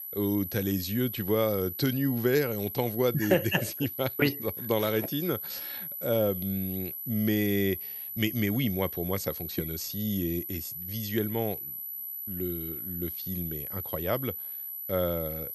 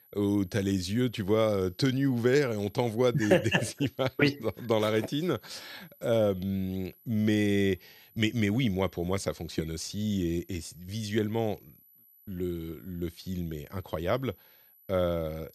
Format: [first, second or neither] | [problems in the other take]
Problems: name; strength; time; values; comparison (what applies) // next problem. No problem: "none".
second | high-pitched whine; loud; throughout; 12 kHz, 5 dB below the speech; faint in the second